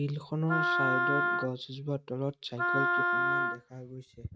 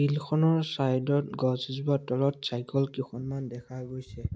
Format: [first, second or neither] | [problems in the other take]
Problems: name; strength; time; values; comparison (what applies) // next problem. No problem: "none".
second | noise reduction (neural mask model RNNoise)